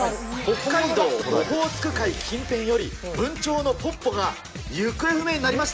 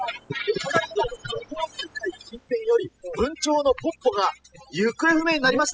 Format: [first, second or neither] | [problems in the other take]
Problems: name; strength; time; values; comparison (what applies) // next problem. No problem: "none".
first | noise reduction (classical method spectral subtraction)